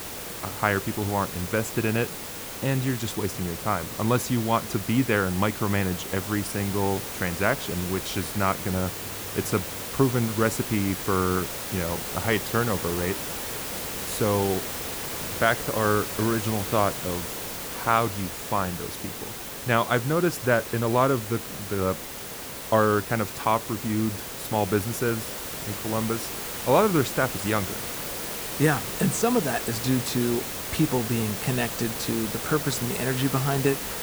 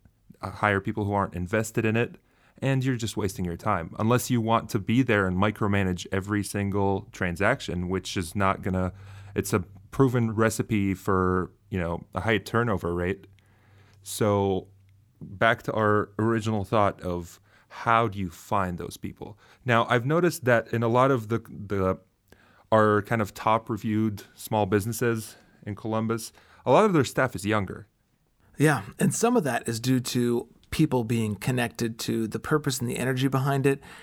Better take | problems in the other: second | hiss; loud; throughout; 5 dB below the speech

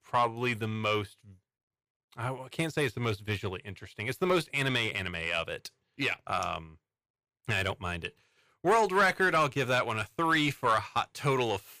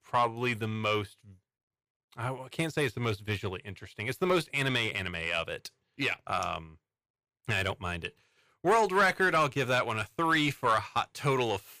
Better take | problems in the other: neither | distortion; slight; 10 dB below the speech; the same in both

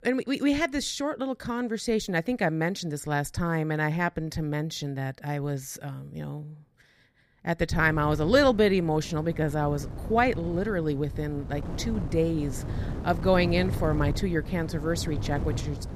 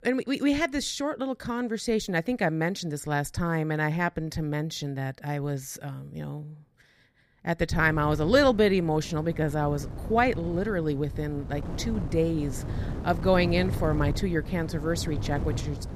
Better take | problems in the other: neither | wind noise on the microphone; occasional gusts; from 7.5 s on; 15 dB below the speech; the same in both

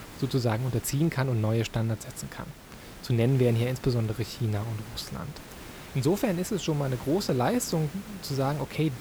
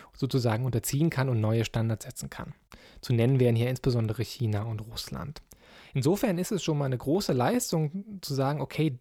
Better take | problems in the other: second | hiss; noticeable; throughout; 15 dB below the speech

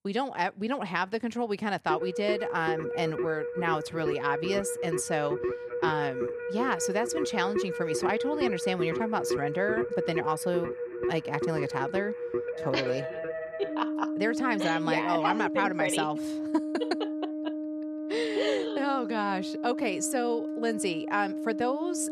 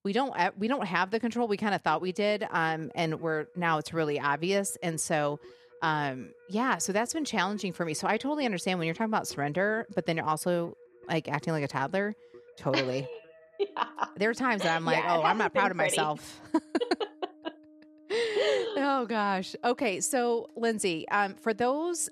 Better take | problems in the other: second | background music; loud; throughout; 2 dB below the speech; faint in the second

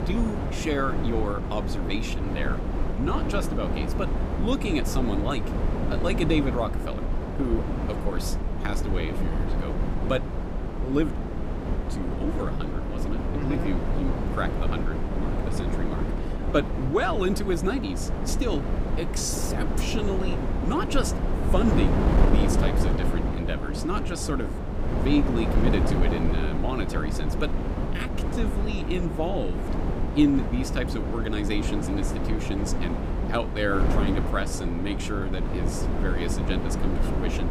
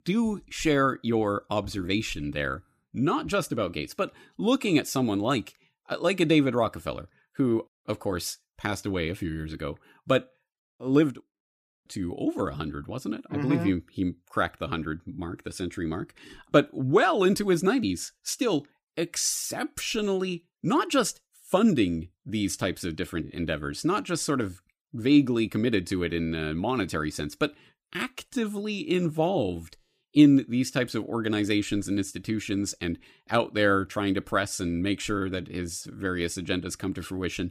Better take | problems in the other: second | wind noise on the microphone; heavy; 3 dB below the speech

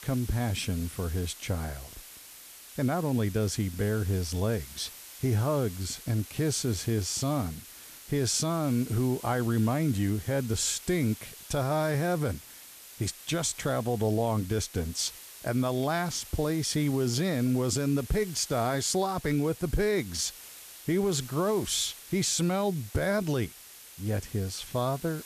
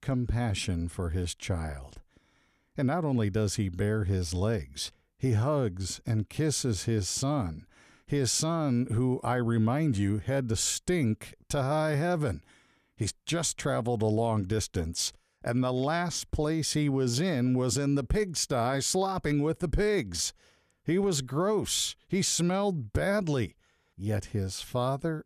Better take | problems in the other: second | hiss; noticeable; throughout; 15 dB below the speech

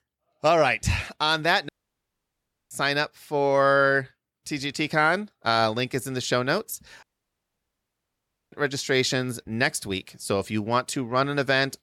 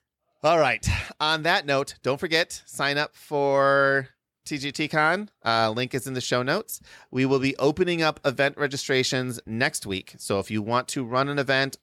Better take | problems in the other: second | audio cutting out; at 1.5 s for 1 s and at 7 s for 1.5 s

